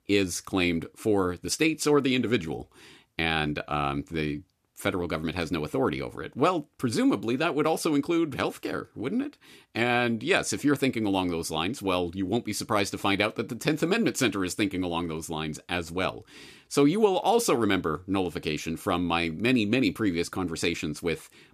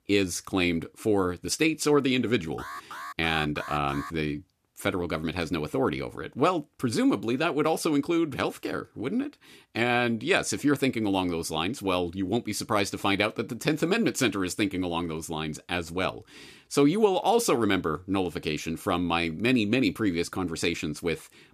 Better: first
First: none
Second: alarm; faint; from 2.5 to 4 s; peak 10 dB below the speech

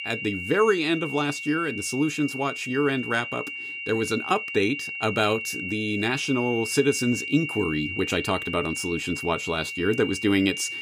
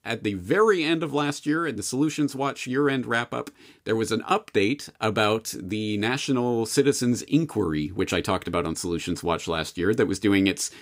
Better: second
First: high-pitched whine; loud; throughout; 3 kHz, 6 dB below the speech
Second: none

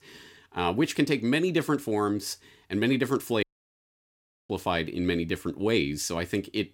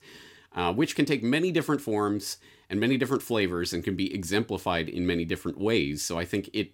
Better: second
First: audio cutting out; at 3.5 s for 1 s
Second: none

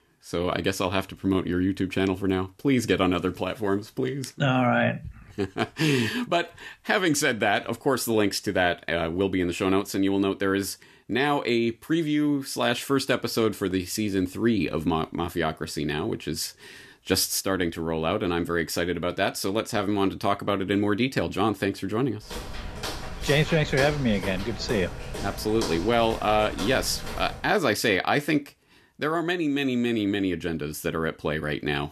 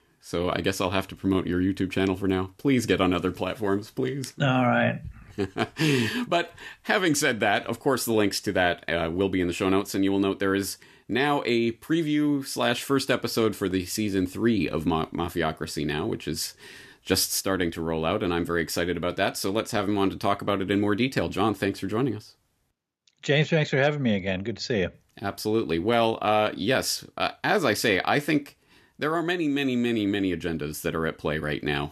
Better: second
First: footsteps; noticeable; from 22 to 27 s; peak 6 dB below the speech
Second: none

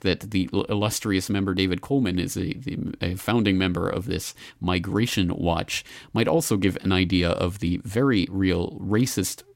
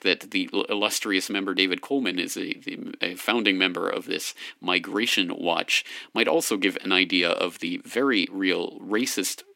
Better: first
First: none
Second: thin; very slightly; fading below 250 Hz

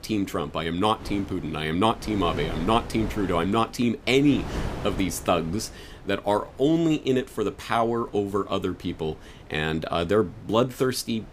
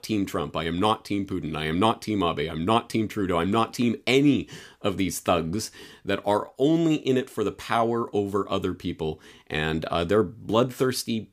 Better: second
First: wind noise on the microphone; occasional gusts; 15 dB below the speech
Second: none

